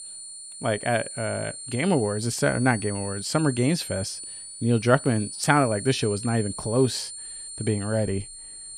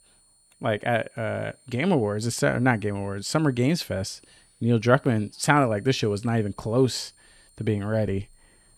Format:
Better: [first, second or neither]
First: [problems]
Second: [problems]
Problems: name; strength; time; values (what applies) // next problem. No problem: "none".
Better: second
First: high-pitched whine; loud; throughout; 9 kHz, 10 dB below the speech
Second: high-pitched whine; faint; throughout; 9 kHz, 30 dB below the speech